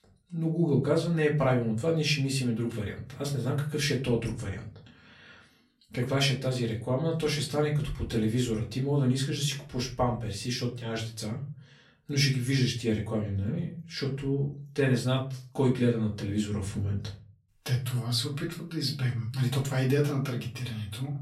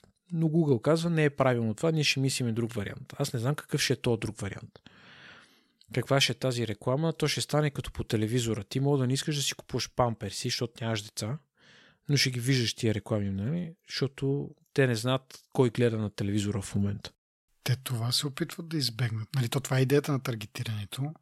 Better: second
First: off-mic speech; far // room echo; very slight; dies away in 0.4 s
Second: none

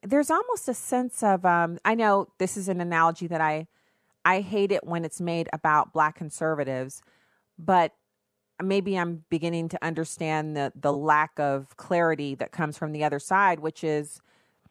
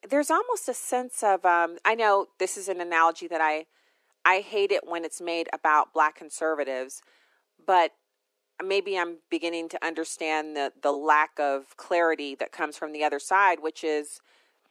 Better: first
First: none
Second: thin; somewhat; fading below 300 Hz

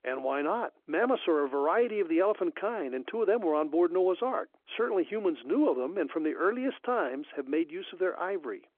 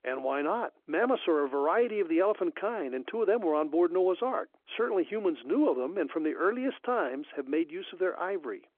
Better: neither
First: phone-call audio; nothing above 3.5 kHz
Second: phone-call audio; nothing above 3.5 kHz

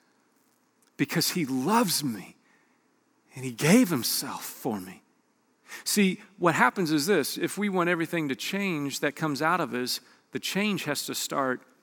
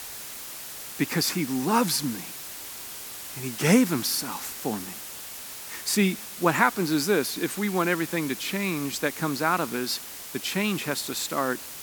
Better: first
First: none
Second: hiss; loud; throughout; 10 dB below the speech

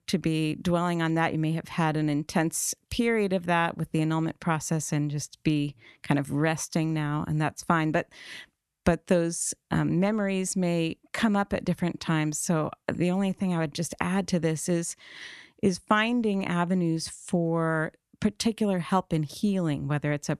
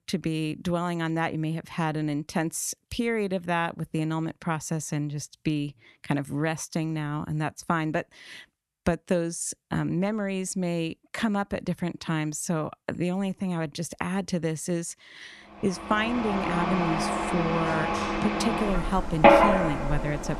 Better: first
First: none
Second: machinery noise; very loud; from 16 s on; 4 dB above the speech

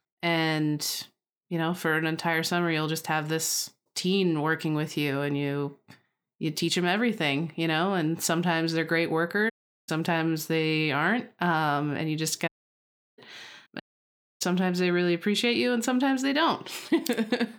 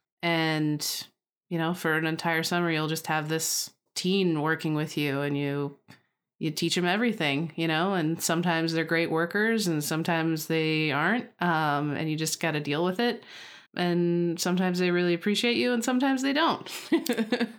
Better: second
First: audio cutting out; at 9.5 s, at 12 s for 0.5 s and at 14 s for 0.5 s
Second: none

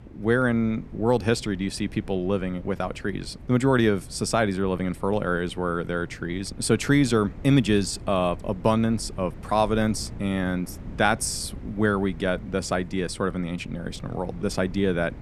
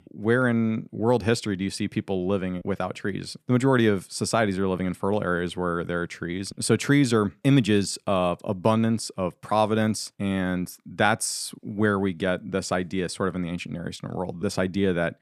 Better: second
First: wind noise on the microphone; occasional gusts; 25 dB below the speech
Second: none

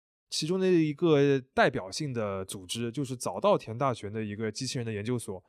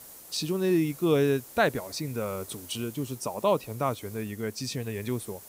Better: first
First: none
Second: hiss; noticeable; throughout; 15 dB below the speech

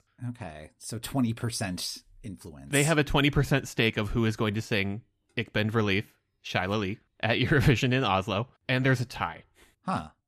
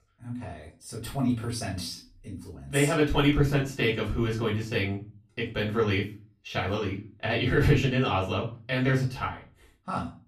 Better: first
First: none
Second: off-mic speech; far // room echo; slight; dies away in 0.3 s

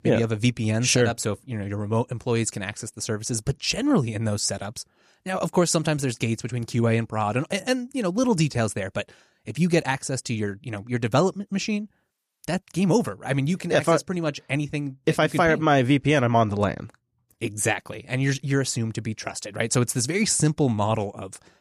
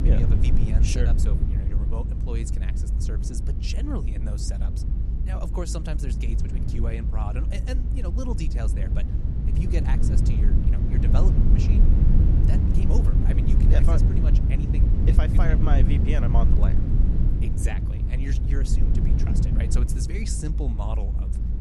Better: first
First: none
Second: low rumble; loud; throughout; 1 dB below the speech

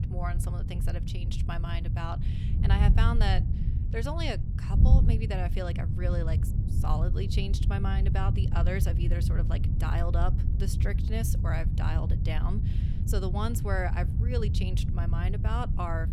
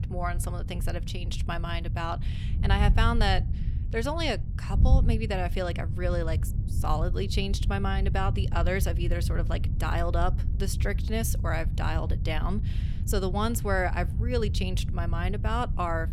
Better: second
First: wind noise on the microphone; heavy; 6 dB below the speech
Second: wind noise on the microphone; occasional gusts; 15 dB below the speech

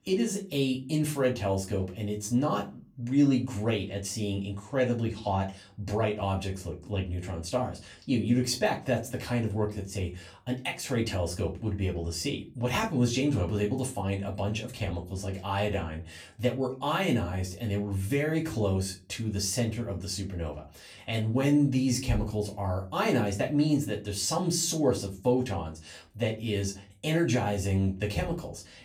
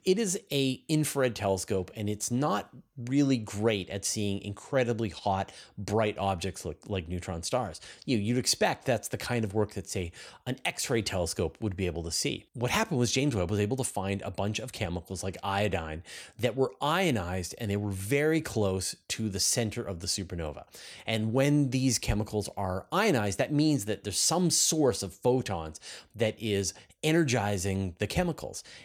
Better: second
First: off-mic speech; far // room echo; very slight; dies away in 0.3 s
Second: none

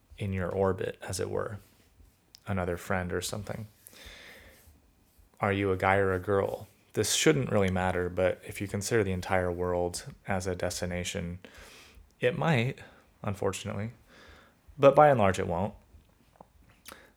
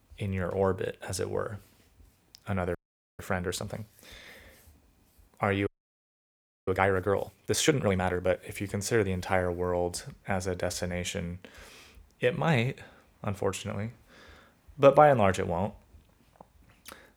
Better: first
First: none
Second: audio freezing; at 3 s and at 5.5 s for 1 s

